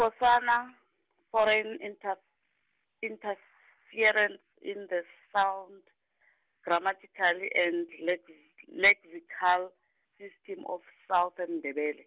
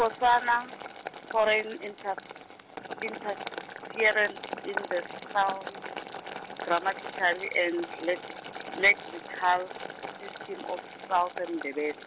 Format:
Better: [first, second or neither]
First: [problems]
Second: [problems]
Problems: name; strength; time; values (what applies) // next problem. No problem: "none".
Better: first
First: none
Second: background sound (Boiling); 10 dB below the speech